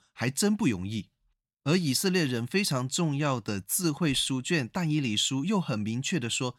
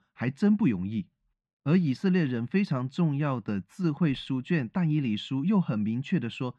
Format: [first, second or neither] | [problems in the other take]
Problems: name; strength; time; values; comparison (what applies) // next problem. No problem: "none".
first | muffled; very; fading above 2 kHz